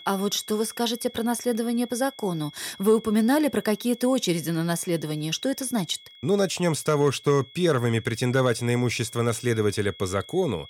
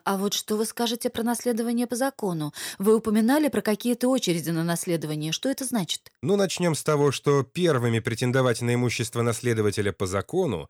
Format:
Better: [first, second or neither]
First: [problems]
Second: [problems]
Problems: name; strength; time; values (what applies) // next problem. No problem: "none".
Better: second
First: high-pitched whine; faint; throughout; 3.5 kHz, 20 dB below the speech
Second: none